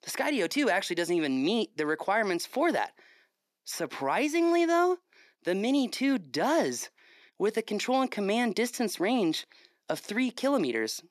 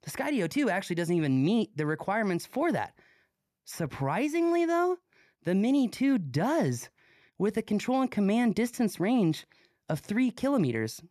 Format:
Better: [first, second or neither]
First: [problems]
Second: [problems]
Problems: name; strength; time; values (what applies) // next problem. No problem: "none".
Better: second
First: thin; very slightly; fading below 300 Hz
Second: none